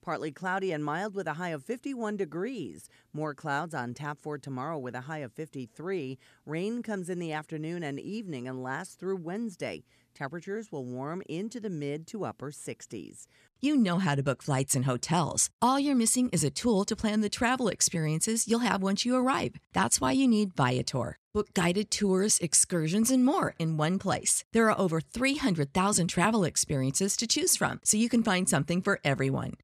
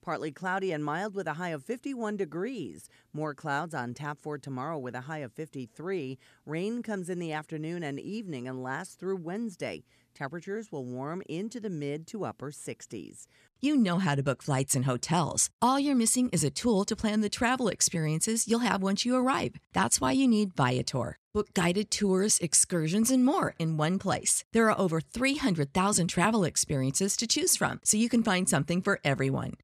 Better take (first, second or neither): neither